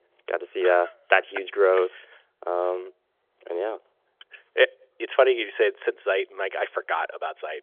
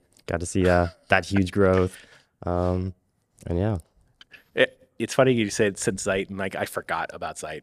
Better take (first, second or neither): second